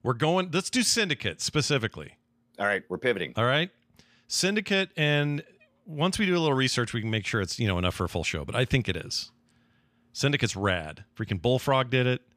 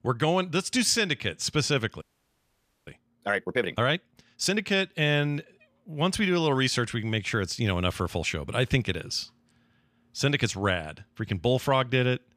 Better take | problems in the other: first | audio freezing; at 2 s for 1 s

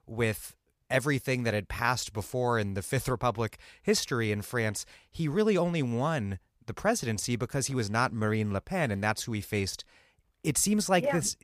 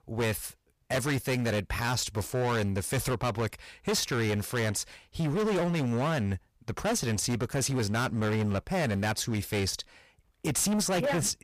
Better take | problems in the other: first | distortion; heavy; 21% of the sound clipped

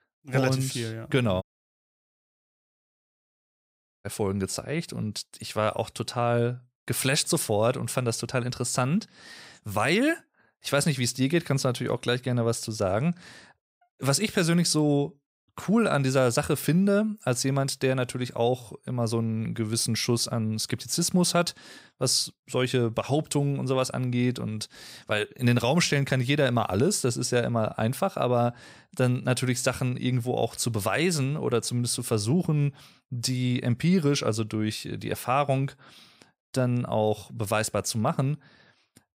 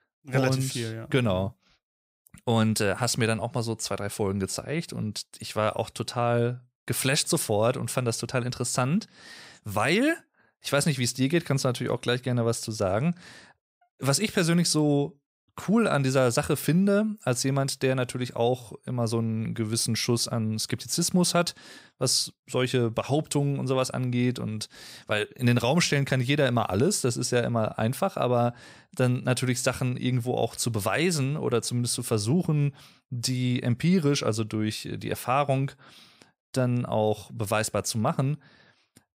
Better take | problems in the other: second | audio cutting out; at 1.5 s for 2.5 s

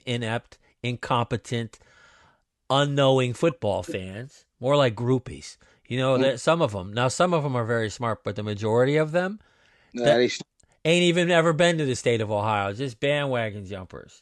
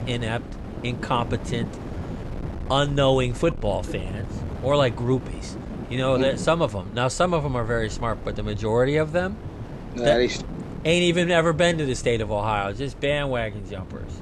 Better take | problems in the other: first | wind noise on the microphone; occasional gusts; 15 dB below the speech

